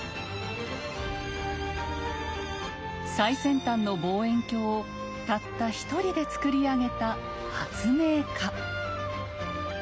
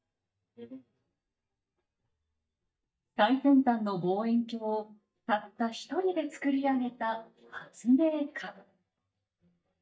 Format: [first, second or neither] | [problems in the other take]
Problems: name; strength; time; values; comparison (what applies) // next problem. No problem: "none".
first | noise reduction (neural mask model DeepFilterNet 3)